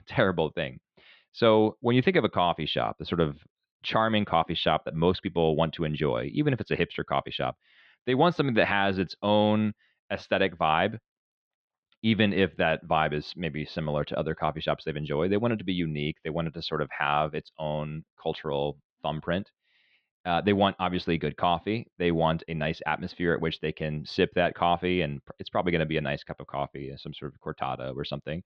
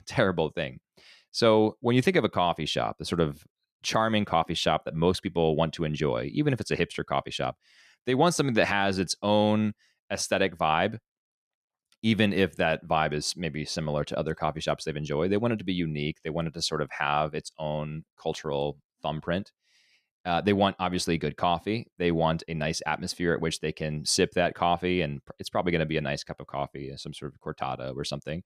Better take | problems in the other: second | muffled; slightly; fading above 3.5 kHz

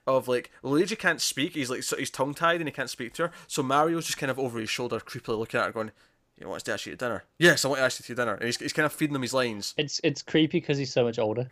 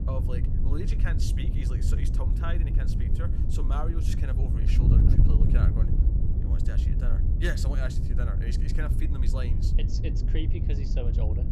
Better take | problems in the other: first | wind noise on the microphone; heavy; 1 dB below the speech

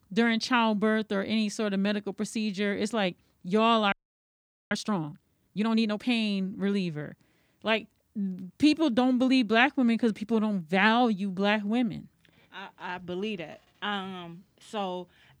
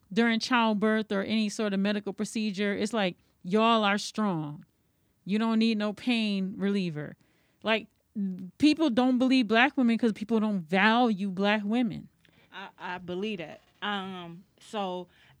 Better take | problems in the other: second | audio freezing; at 4 s for 1 s

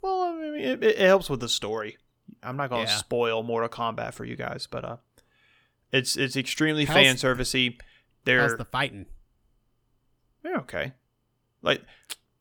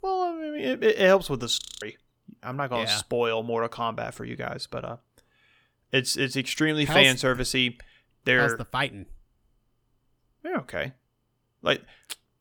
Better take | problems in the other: first | audio freezing; at 1.5 s

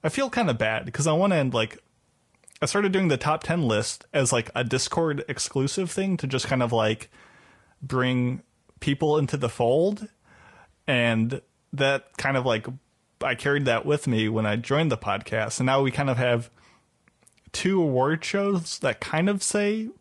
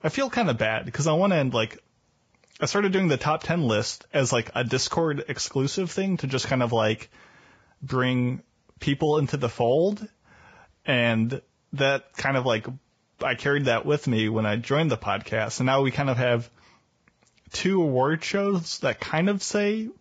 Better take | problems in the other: first | garbled, watery; badly; nothing above 7.5 kHz; slightly in the first

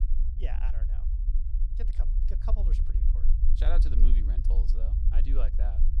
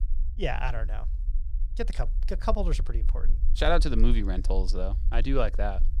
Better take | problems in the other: second | low rumble; loud; throughout; 5 dB below the speech; faint in the second

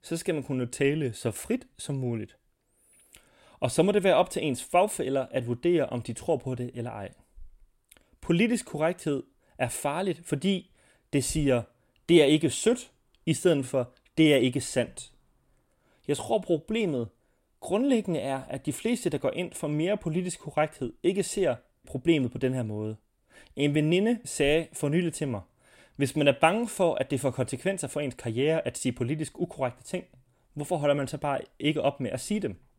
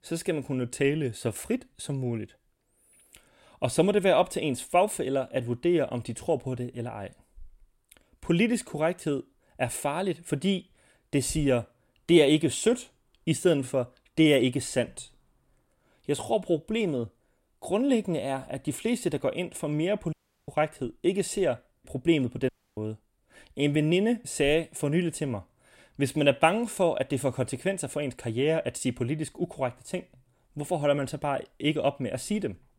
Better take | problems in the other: first | audio cutting out; at 20 s and at 22 s

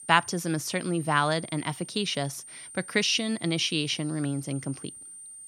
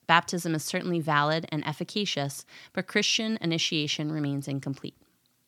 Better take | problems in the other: second | high-pitched whine; noticeable; throughout; 9 kHz, 15 dB below the speech

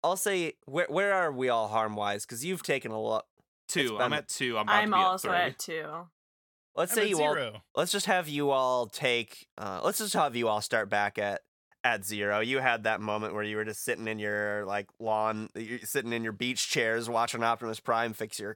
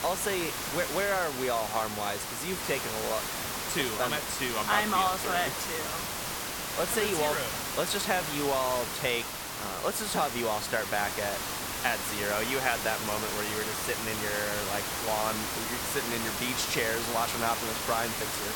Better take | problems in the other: first | hiss; loud; throughout; 1 dB below the speech

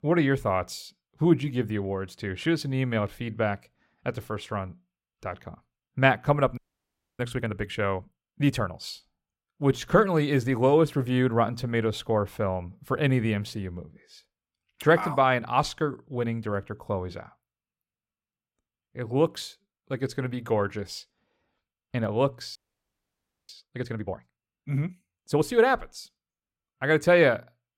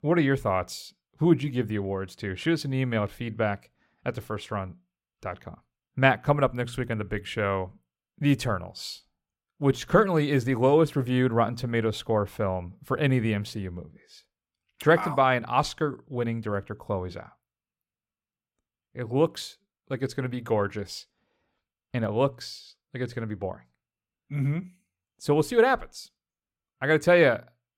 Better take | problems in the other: second | audio freezing; at 6.5 s for 0.5 s and at 23 s for 1 s

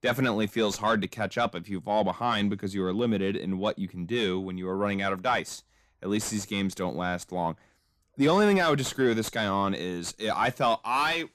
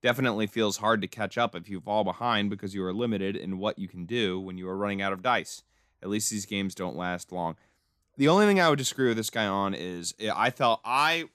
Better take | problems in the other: second | distortion; slight; 10 dB below the speech

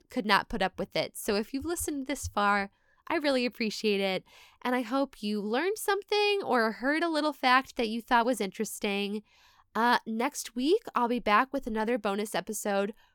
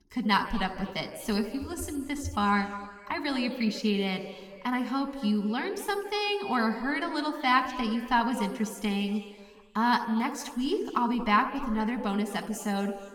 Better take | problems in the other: first | room echo; slight; dies away in 1.6 s // off-mic speech; somewhat distant

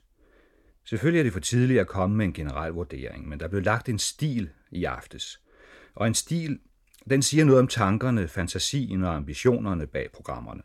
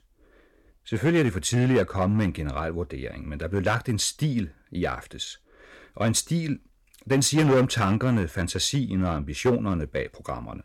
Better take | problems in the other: first | distortion; slight; 4% of the sound clipped

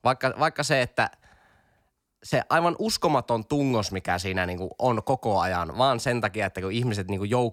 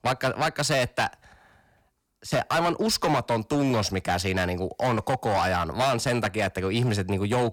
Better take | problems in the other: first | distortion; heavy; 12% of the sound clipped

